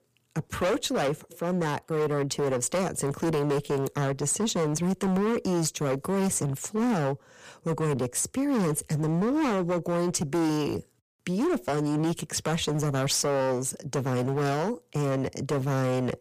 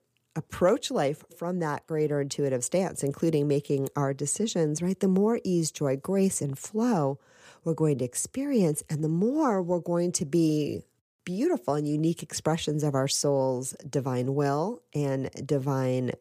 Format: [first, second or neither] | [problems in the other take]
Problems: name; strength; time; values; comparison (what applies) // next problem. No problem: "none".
second | distortion; heavy; 23% of the sound clipped